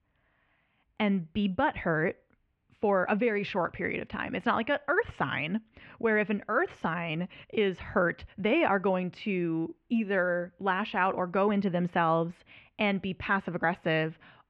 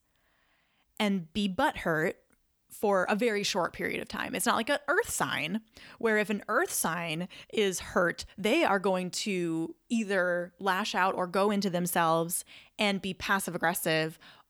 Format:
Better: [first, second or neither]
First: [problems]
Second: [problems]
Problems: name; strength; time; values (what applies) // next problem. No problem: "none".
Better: second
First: muffled; very; fading above 2.5 kHz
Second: none